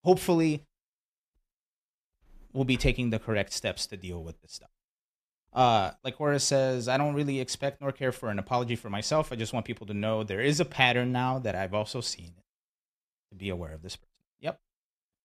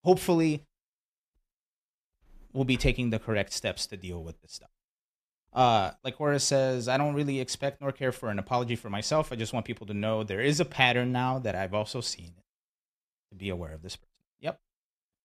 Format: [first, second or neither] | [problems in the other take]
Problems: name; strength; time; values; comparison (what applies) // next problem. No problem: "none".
neither | none